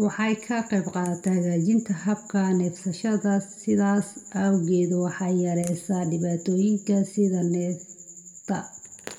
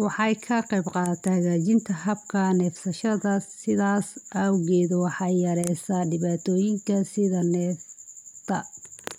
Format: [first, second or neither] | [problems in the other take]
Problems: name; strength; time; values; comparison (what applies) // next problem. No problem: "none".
second | room echo; dies away in 0.9 s